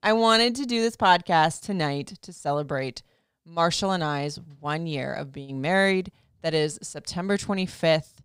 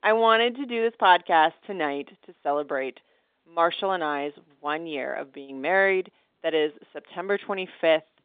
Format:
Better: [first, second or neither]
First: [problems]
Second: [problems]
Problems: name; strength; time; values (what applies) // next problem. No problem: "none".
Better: first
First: none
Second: phone-call audio